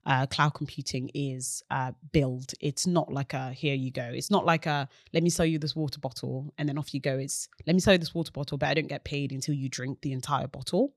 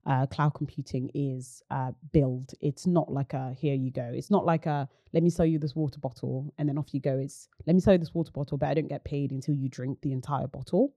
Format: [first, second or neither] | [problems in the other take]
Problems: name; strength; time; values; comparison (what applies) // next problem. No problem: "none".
first | muffled; slightly; fading above 1 kHz